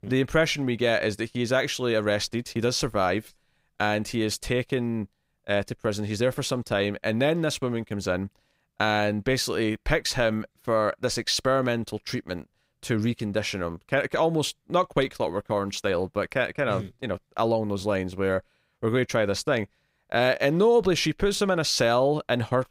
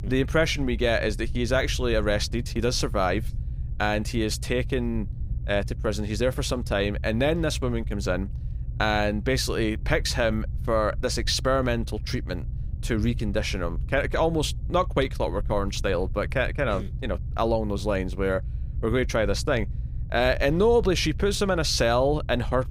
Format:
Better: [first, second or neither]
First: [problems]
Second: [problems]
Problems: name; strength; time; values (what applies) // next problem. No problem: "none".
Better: first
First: none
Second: low rumble; faint; throughout; 25 dB below the speech